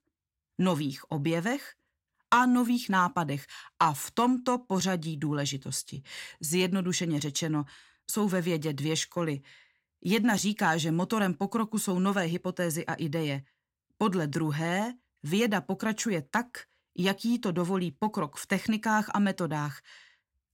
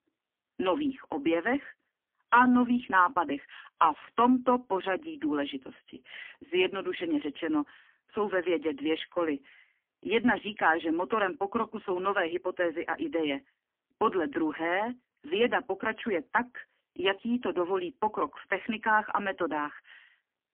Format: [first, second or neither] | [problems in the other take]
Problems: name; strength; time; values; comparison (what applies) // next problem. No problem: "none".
first | phone-call audio; poor line; nothing above 3.5 kHz